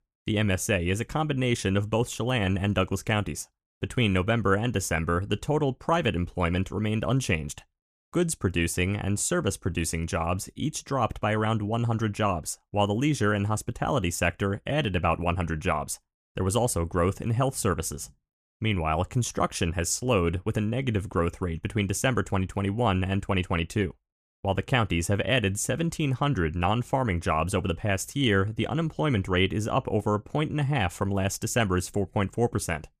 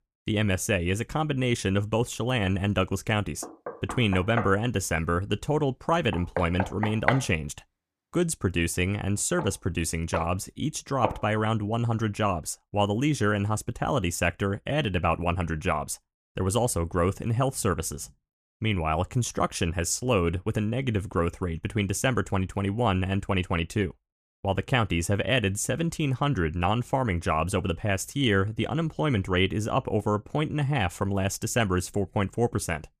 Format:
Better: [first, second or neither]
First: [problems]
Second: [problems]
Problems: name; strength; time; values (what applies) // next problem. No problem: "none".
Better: first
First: none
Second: door banging; noticeable; from 3.5 to 11 s; peak 1 dB below the speech